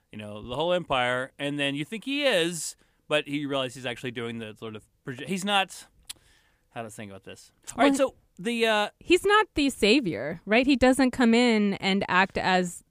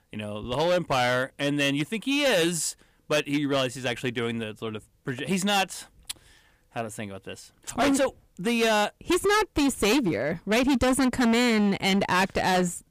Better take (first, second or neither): first